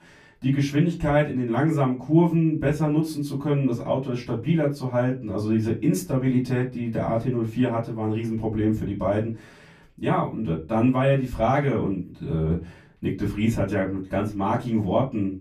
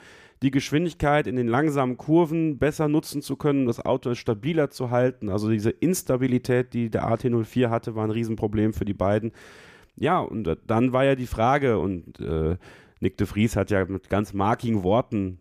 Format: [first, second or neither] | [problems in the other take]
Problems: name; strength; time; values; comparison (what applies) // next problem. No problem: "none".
second | off-mic speech; far // room echo; very slight; dies away in 0.2 s